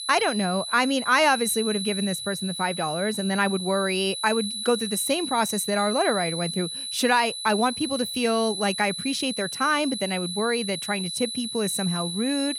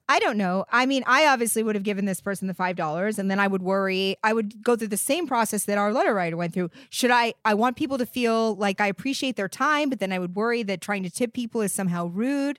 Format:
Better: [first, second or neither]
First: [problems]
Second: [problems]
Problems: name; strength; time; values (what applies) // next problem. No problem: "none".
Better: second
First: high-pitched whine; loud; throughout; 4 kHz, 5 dB below the speech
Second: none